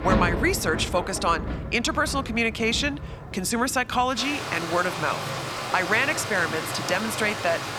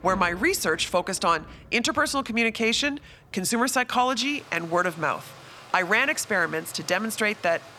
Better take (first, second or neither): second